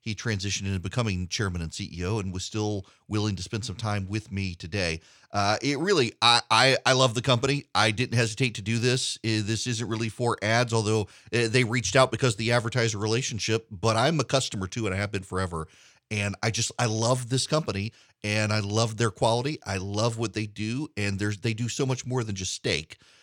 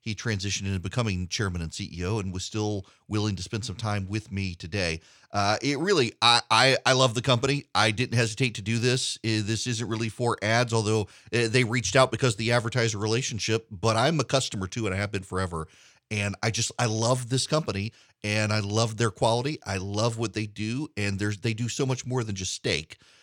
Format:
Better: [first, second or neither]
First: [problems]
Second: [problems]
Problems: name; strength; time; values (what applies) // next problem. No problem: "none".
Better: neither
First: none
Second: none